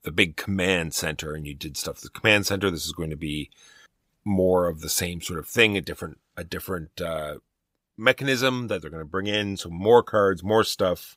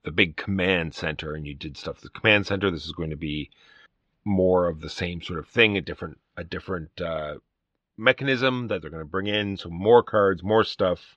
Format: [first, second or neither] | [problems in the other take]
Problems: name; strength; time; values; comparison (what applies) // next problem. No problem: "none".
first | muffled; slightly; fading above 4 kHz